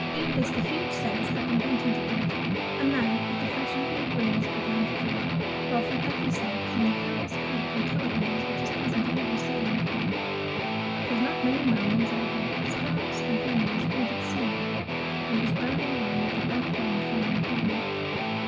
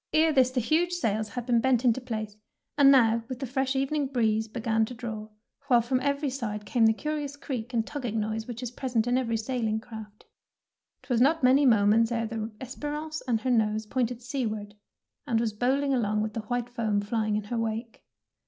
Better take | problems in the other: second | background sound (Guitar); 3 dB above the speech // room echo; dies away in 0.1 s

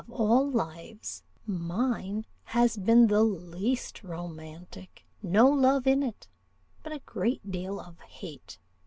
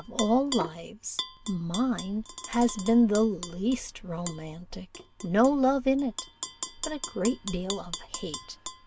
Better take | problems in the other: first | background sound (Tap / Glass); 12 dB below the speech

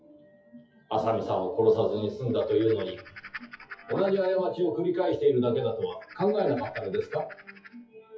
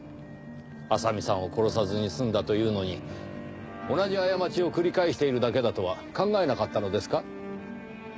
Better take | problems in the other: second | noise reduction (classical method WPE with log-MMSE)

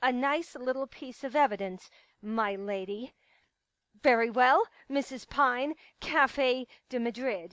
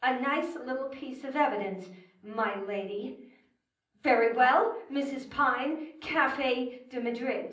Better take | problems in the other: first | room echo; dies away in 0.6 s

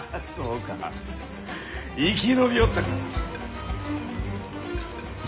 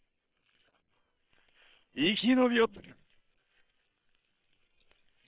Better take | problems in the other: first | noise reduction (neural separator model SepFormer WHAM!)

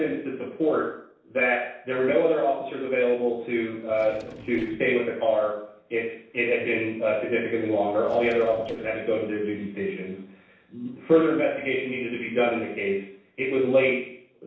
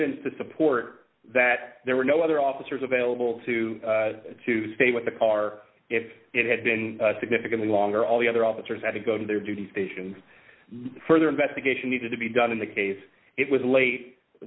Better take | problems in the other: second | noise reduction (neural separator model SepFormer DNS4)

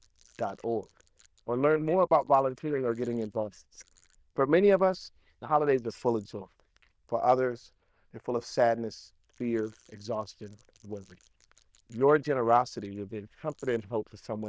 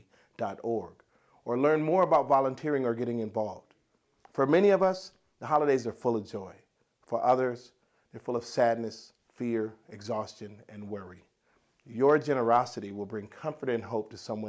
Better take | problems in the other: second | noise reduction (neural diffusion model UNIVERSE++)

